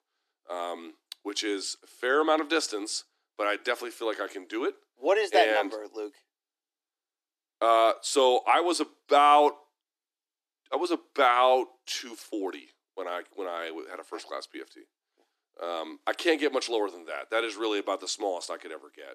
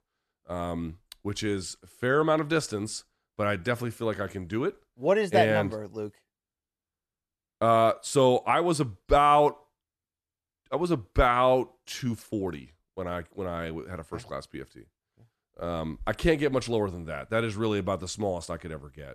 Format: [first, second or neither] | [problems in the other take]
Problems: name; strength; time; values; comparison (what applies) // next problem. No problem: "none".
second | thin; somewhat; fading below 300 Hz